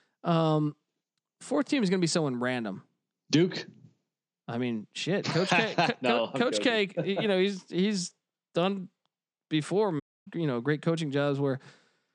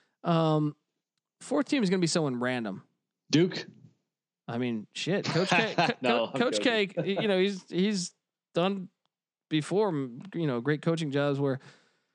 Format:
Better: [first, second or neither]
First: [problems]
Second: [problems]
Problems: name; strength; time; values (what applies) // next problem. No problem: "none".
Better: second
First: audio cutting out; at 10 s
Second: none